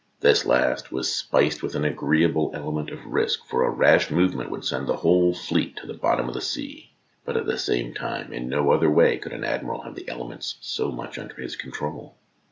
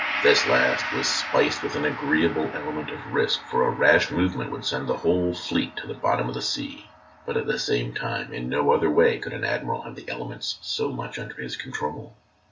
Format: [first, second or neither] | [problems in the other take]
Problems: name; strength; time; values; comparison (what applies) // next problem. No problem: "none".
first | background sound (Gong); 11 dB below the speech // room echo; dies away in 0.2 s